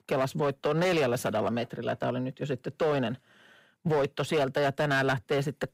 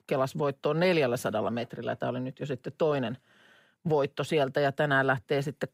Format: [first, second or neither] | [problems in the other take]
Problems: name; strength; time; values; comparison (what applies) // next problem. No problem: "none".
second | distortion; slight; 9% of the sound clipped